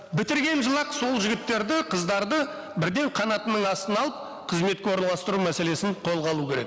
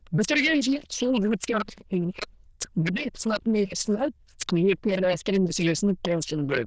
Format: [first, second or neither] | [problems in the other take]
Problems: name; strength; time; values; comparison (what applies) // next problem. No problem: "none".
first | noise reduction (neural diffusion model UNIVERSE++)